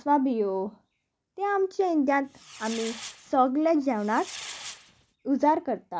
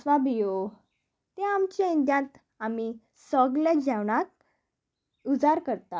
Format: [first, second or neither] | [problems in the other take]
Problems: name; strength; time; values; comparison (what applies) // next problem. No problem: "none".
second | background sound (Fireworks); 15 dB below the speech